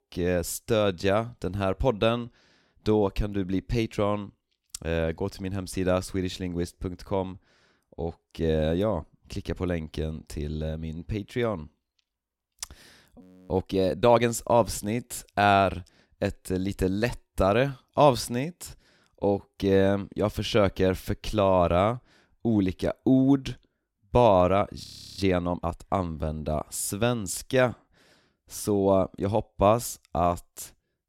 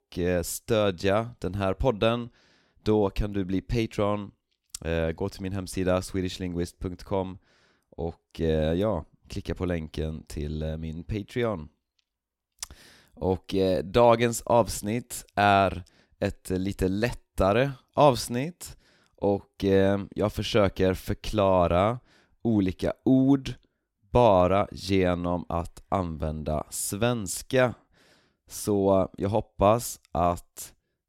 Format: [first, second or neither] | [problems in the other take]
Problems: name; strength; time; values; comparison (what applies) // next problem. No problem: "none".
second | audio freezing; at 13 s and at 25 s